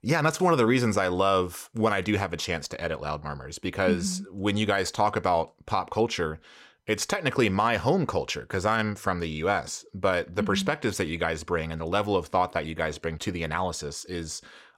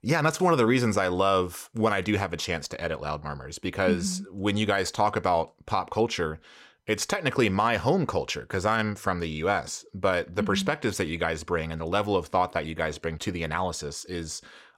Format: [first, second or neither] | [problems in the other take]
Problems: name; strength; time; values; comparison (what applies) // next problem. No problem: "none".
neither | none